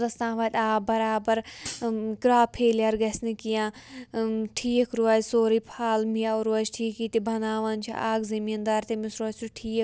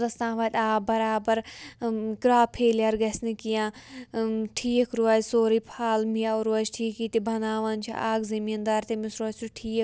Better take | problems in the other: second | background sound (Hi-hat); 13 dB below the speech

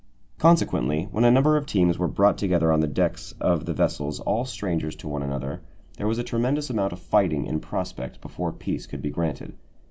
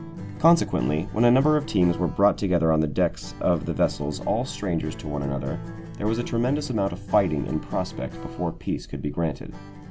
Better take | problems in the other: first | background sound (Acoustic guitar); 14 dB below the speech

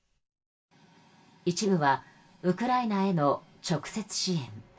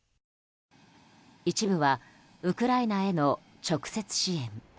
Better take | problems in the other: second | room echo; dies away in 0.2 s

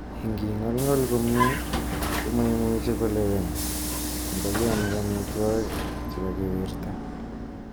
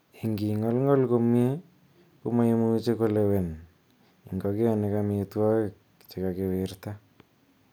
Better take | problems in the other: second | background sound (Vehicle); 2 dB below the speech

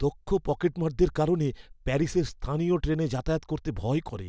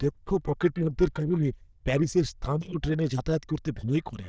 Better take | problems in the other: first | noise reduction (neural diffusion model UNIVERSE++)

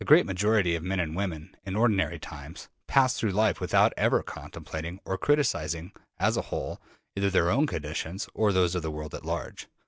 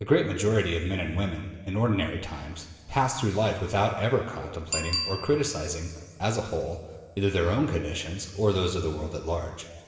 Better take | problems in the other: first | background sound (Bicycle bell); 15 dB below the speech // room echo; dies away in 2.1 s

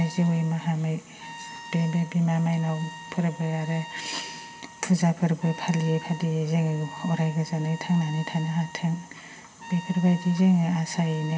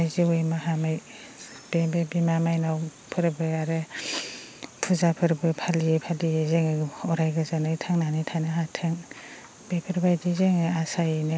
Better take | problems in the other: second | background sound (Trumpet); 17 dB below the speech // room echo; dies away in 1.3 s

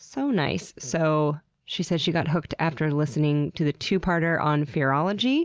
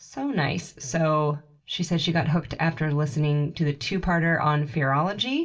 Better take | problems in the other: first | room echo; dies away in 0.2 s

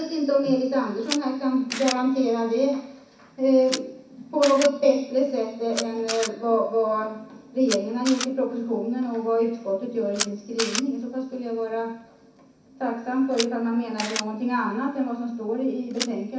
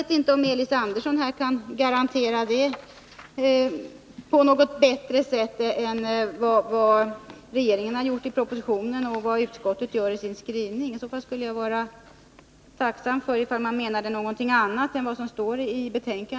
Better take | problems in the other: second | background sound (Camera); 13 dB below the speech // room echo; dies away in 0.6 s

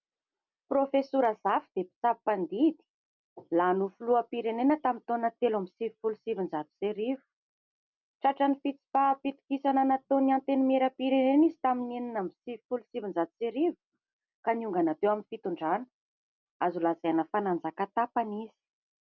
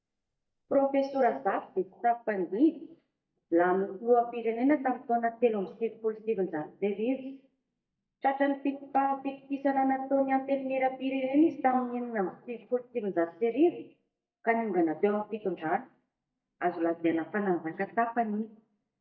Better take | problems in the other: first | noise reduction (neural mask model DeepFilterNet 3)

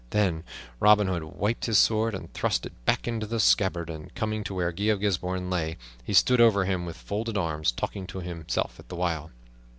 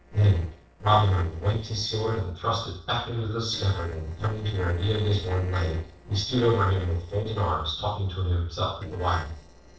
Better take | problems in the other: first | noise reduction (neural separator model SepFormer DNS4)

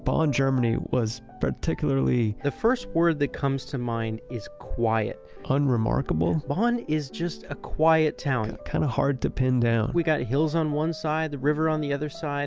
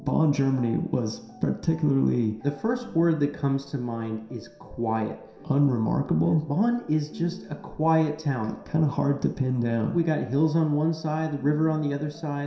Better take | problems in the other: first | room echo; dies away in 0.7 s

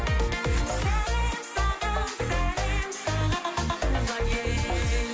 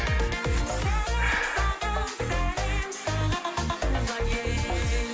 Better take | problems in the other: first | background sound (Breathing); 12 dB below the speech

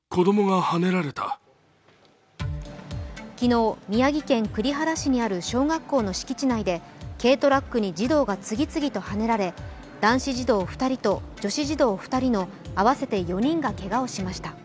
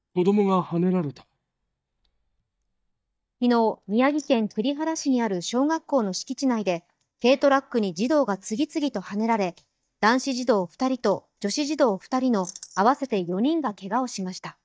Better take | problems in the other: first | noise reduction (neural mask model DeepFilterNet 3)

